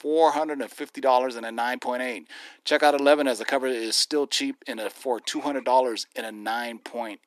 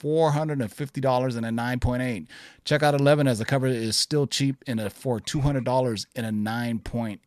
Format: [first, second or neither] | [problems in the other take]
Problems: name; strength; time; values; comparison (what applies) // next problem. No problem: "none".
second | thin; somewhat; fading below 300 Hz